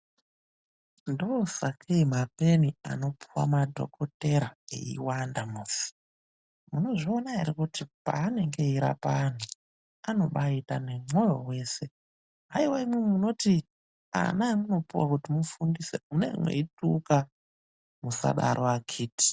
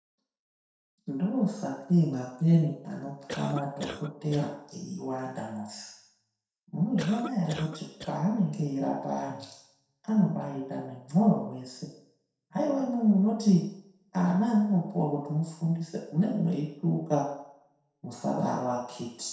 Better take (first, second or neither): first